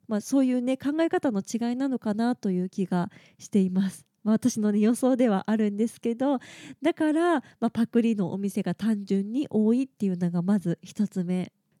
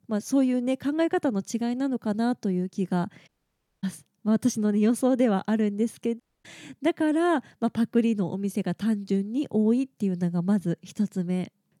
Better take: first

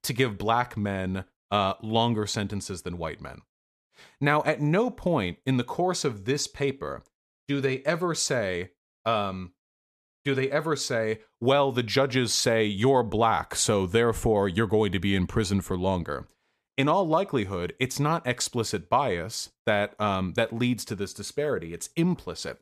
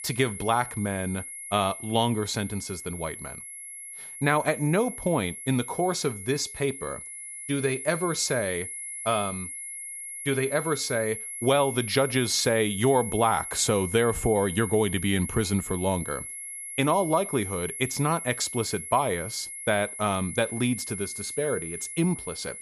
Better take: first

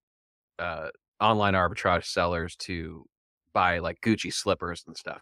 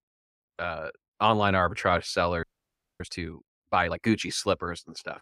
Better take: first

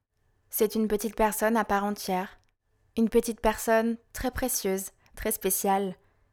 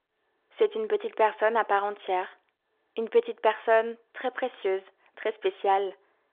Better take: first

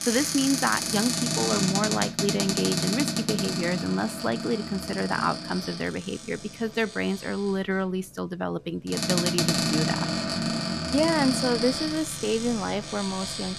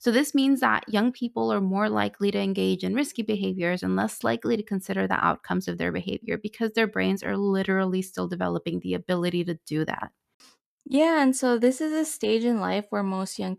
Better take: second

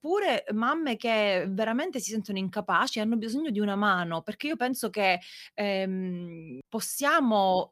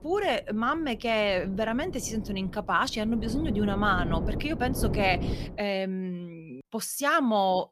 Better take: first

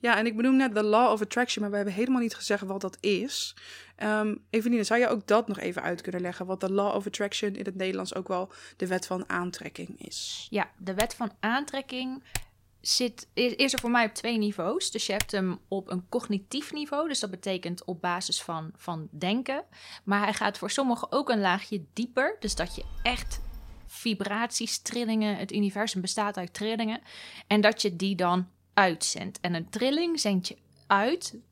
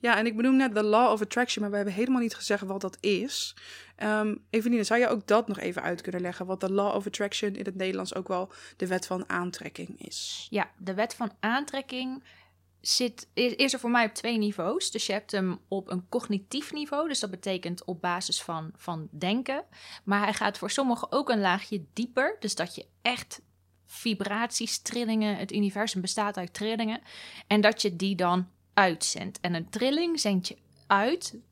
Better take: second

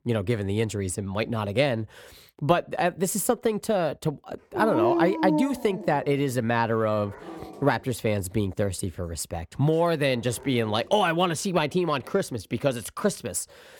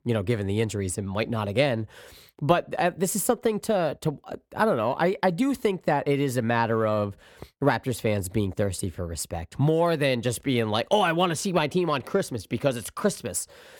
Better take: second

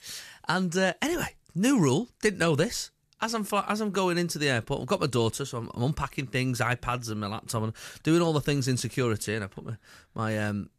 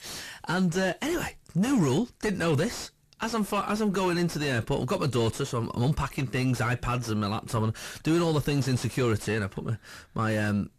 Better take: first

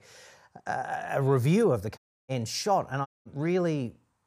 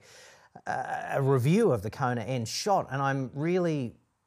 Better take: second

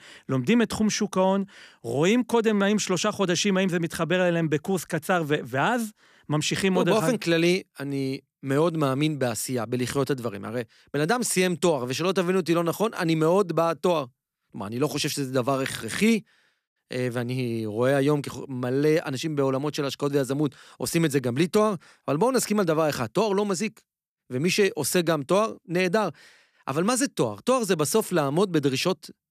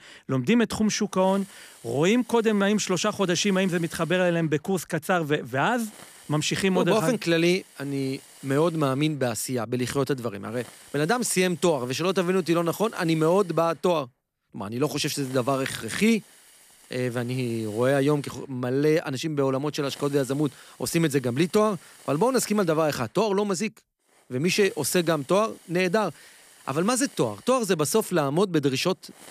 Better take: first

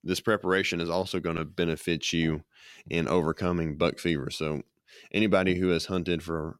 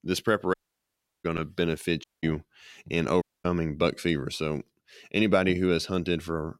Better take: first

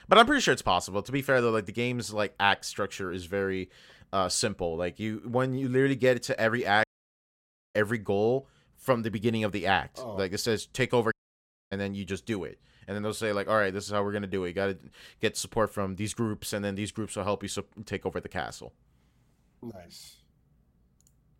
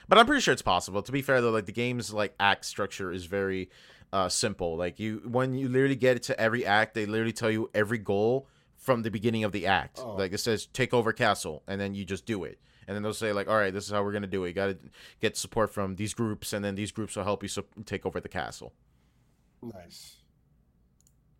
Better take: second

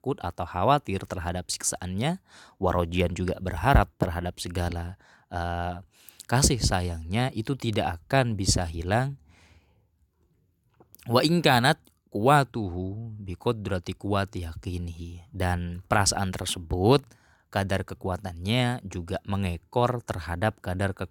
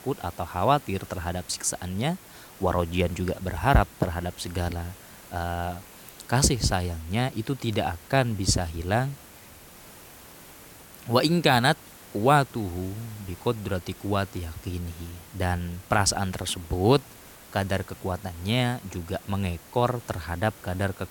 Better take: first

